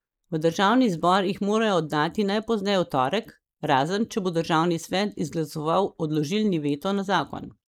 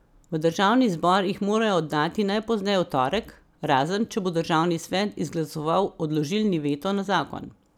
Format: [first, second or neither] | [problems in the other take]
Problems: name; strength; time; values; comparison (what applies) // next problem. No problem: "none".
second | noise reduction (neural mask model Resemble Enhance denoiser)